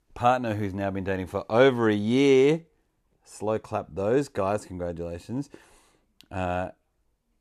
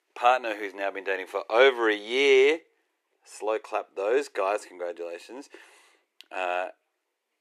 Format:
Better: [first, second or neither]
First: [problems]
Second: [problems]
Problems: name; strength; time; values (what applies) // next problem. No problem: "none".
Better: first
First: none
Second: thin; very; fading below 350 Hz